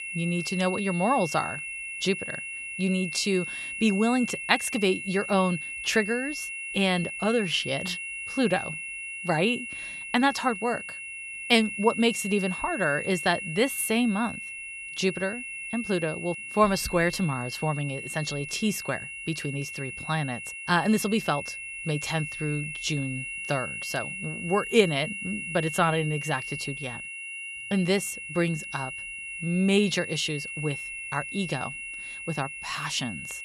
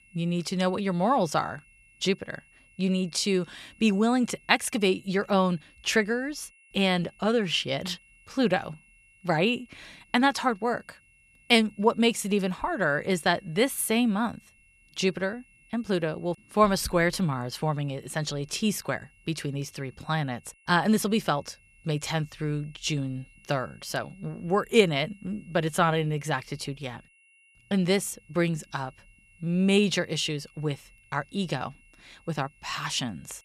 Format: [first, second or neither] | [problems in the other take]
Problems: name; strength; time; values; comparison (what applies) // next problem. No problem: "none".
second | high-pitched whine; loud; throughout; 2.5 kHz, 6 dB below the speech; faint in the second